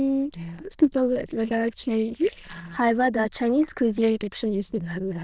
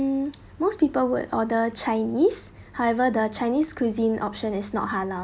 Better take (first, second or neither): second